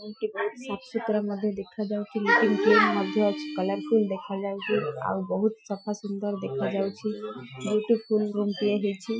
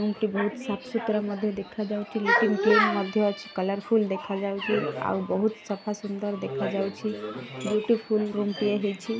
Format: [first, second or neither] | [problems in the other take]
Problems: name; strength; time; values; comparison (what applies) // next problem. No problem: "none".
second | noise reduction (classical method Wiener filter)